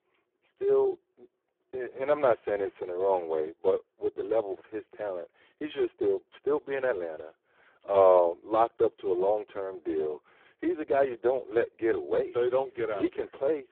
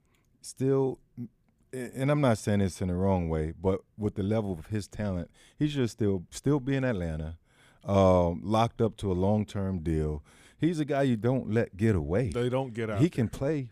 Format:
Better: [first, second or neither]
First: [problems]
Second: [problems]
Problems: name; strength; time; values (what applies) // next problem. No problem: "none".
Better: second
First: phone-call audio; poor line; nothing above 3.5 kHz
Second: none